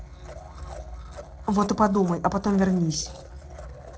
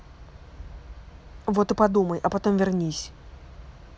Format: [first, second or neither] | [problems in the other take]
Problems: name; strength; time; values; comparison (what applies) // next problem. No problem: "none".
second | noise reduction (neural separator model SepFormer DNS4)